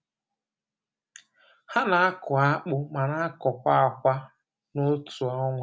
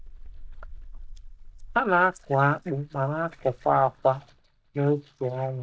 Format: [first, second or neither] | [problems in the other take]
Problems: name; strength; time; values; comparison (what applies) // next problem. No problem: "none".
first | noise reduction (neural mask model DeepFilterNet 3)